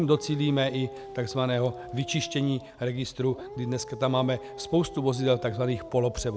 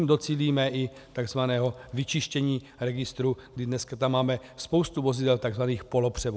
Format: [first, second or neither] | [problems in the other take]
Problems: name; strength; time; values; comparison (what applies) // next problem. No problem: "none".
second | background sound (Dog); 14 dB below the speech